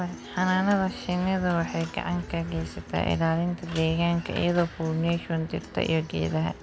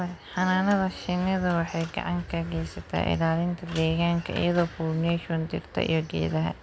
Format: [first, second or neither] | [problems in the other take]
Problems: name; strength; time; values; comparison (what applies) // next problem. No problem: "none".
second | background sound (Acoustic guitar); 19 dB below the speech